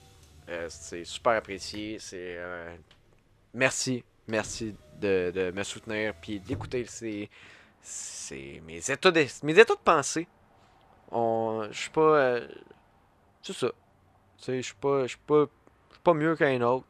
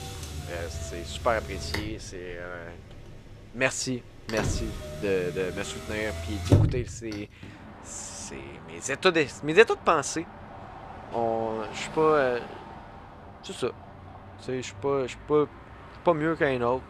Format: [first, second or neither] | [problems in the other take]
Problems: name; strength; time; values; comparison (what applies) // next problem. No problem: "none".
first | traffic noise; loud; throughout; 8 dB below the speech; faint in the first